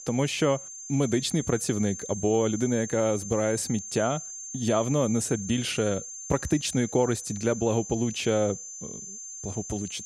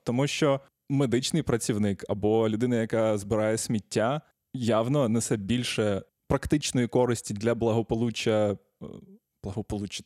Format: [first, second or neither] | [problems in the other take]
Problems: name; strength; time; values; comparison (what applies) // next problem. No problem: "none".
second | high-pitched whine; loud; throughout; 6.5 kHz, 10 dB below the speech